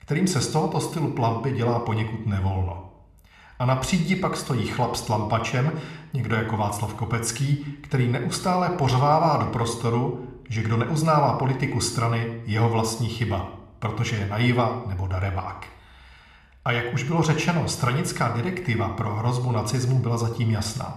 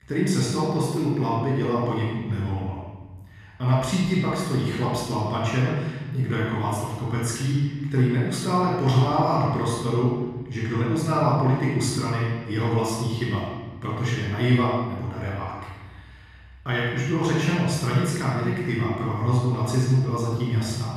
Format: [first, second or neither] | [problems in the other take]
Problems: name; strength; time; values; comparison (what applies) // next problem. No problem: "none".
first | room echo; strong; dies away in 1.4 s; slight in the first // off-mic speech; far